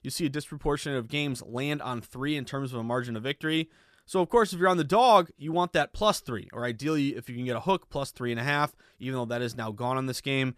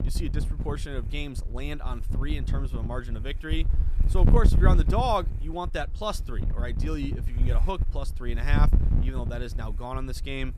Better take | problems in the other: first | wind noise on the microphone; heavy; 9 dB below the speech

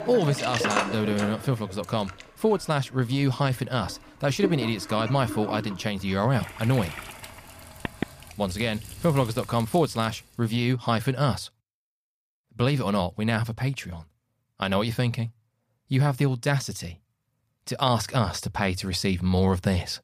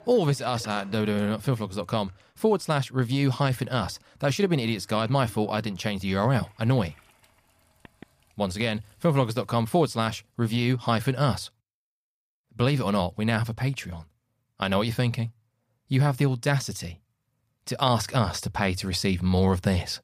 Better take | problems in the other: second | household noises; loud; until 10 s; 8 dB below the speech; faint in the second

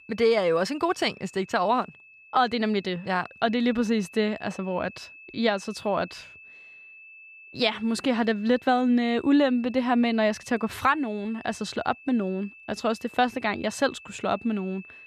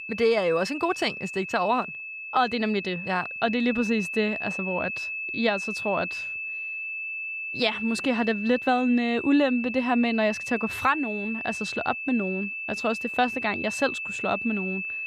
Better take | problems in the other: first | high-pitched whine; loud; throughout; 2.5 kHz, 5 dB below the speech; faint in the first

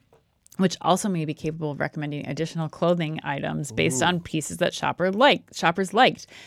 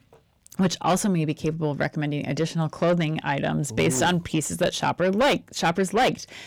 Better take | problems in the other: first | distortion; heavy; 7 dB below the speech

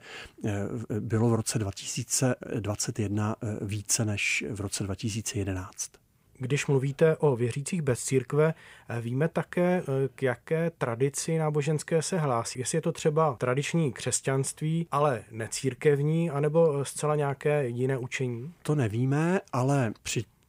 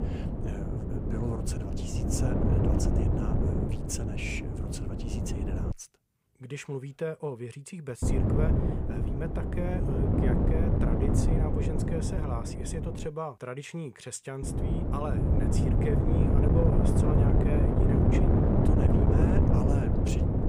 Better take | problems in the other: first | wind noise on the microphone; heavy; until 5.5 s, from 8 to 13 s and from 14 s on; 4 dB above the speech

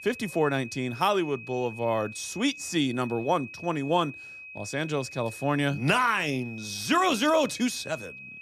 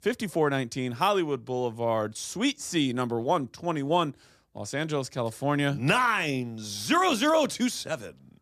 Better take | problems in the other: second | high-pitched whine; noticeable; throughout; 2.5 kHz, 15 dB below the speech

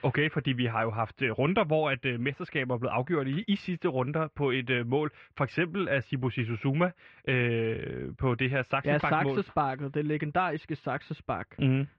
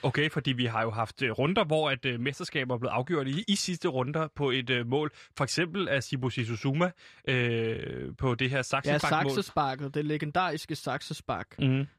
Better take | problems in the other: second | muffled; very; fading above 2.5 kHz

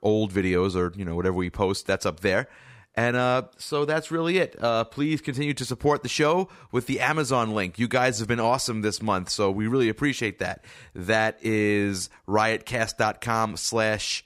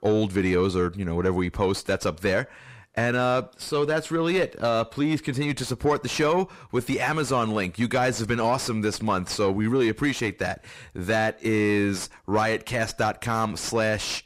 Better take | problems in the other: first | distortion; slight; 10 dB below the speech

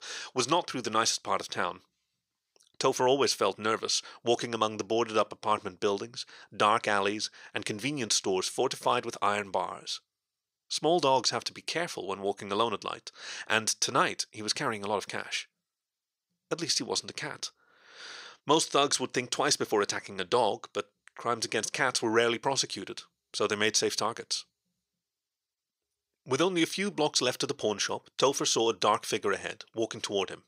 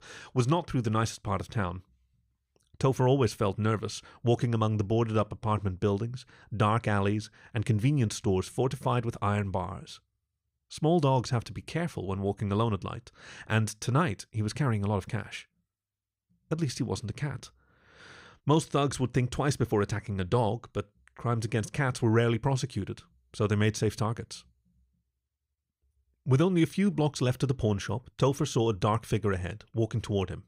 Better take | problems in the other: second | thin; very; fading below 400 Hz

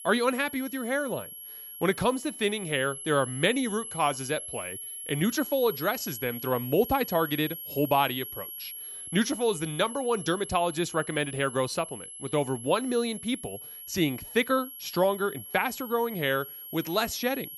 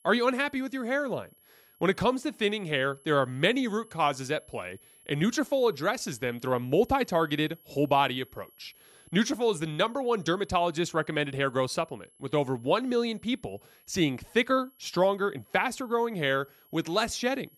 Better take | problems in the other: second | high-pitched whine; loud; throughout; 11 kHz, 10 dB below the speech; faint in the second

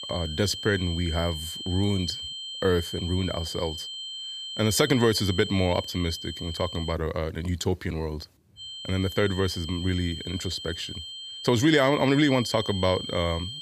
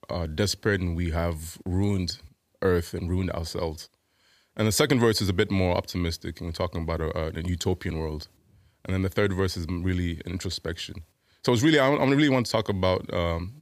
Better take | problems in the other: second | high-pitched whine; loud; until 7 s and from 8.5 s on; 3 kHz, 8 dB below the speech

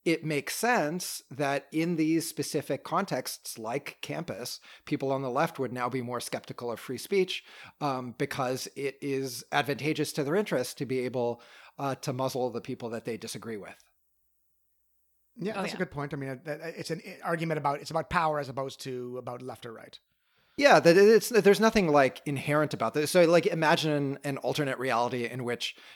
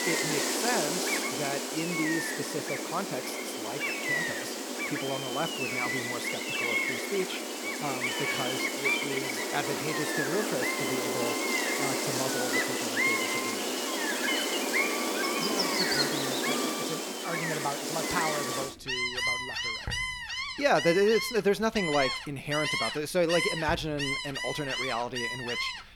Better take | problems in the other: first | animal sounds; very loud; throughout; 3 dB above the speech

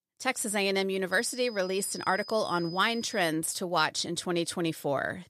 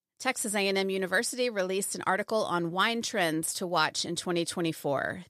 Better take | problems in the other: second | high-pitched whine; noticeable; from 1 to 3.5 s; 5 kHz, 15 dB below the speech

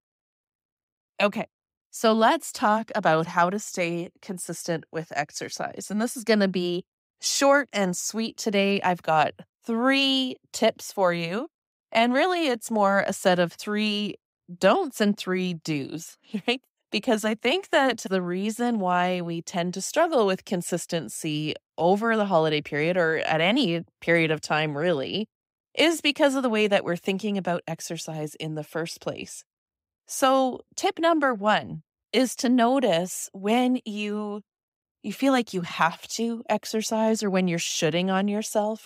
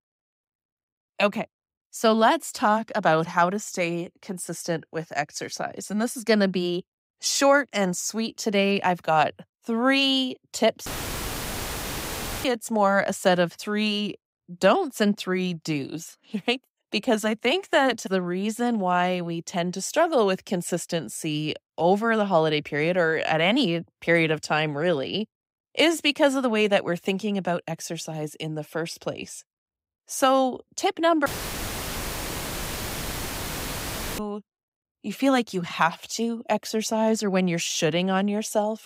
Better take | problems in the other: first | audio cutting out; filled with static; at 11 s for 1.5 s and at 31 s for 3 s

